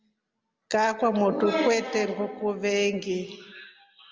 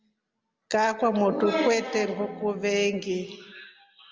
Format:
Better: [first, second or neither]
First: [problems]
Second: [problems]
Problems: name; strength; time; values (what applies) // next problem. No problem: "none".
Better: first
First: none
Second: background sound (Organ); 18 dB below the speech